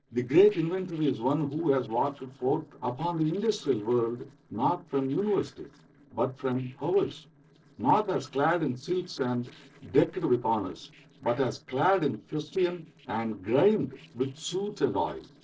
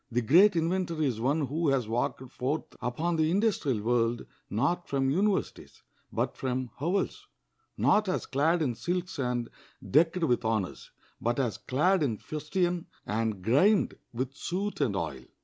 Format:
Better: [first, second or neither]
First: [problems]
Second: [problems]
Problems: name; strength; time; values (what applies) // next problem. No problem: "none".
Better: second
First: noise reduction (neural separator model SepFormer DNS4)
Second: none